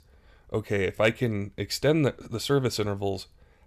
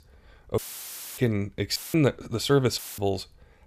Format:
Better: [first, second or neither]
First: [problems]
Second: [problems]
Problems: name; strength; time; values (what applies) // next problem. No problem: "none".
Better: first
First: none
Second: audio cutting out; filled with static; at 0.5 s for 0.5 s, at 2 s and at 3 s